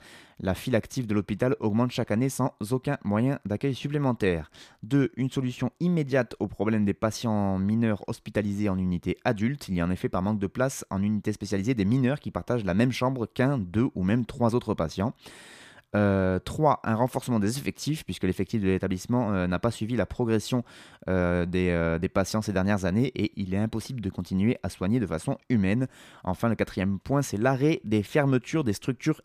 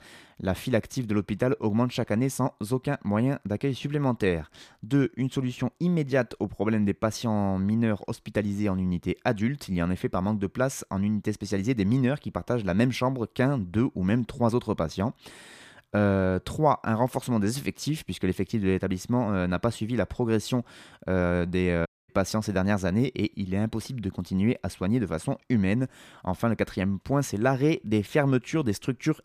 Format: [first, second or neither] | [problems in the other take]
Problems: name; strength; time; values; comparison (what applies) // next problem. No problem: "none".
first | audio cutting out; at 22 s